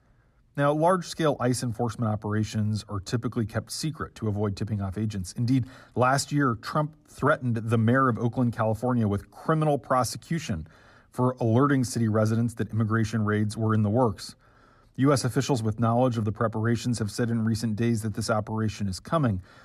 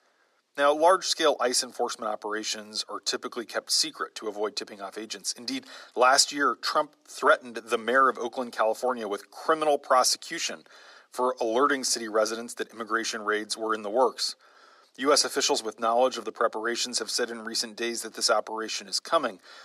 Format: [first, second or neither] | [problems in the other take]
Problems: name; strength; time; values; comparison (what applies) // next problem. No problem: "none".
first | thin; very; fading below 350 Hz